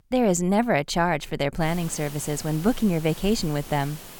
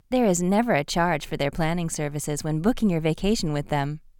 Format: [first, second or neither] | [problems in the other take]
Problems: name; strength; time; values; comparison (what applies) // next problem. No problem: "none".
second | hiss; noticeable; from 1.5 s on; 15 dB below the speech